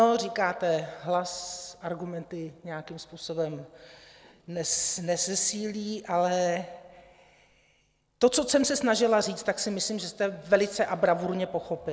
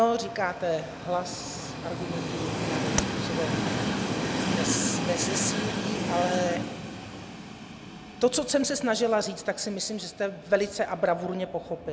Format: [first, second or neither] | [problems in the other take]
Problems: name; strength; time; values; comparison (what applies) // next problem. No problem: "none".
first | background sound (Train + Tap); 2 dB below the speech